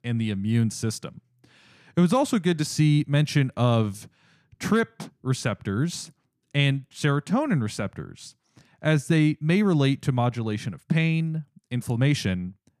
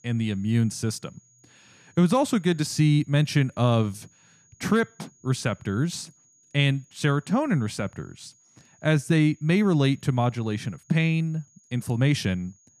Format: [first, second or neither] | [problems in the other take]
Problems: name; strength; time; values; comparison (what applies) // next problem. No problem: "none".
first | high-pitched whine; faint; throughout; 6.5 kHz, 35 dB below the speech